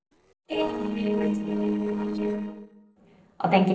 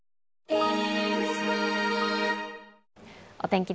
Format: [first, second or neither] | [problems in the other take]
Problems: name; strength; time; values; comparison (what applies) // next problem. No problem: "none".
second | noise reduction (neural separator model SepFormer DNS4)